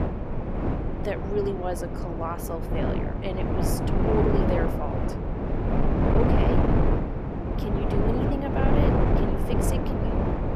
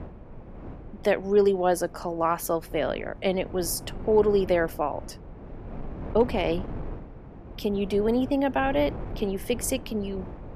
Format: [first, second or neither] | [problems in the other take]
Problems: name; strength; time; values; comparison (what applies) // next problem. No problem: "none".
second | wind noise on the microphone; heavy; 3 dB above the speech; occasional gusts in the second